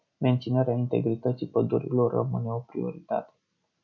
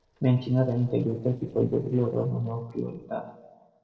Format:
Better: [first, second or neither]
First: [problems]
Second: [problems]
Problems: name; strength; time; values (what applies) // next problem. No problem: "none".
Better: first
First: none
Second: noise reduction (neural separator model SepFormer DNS4)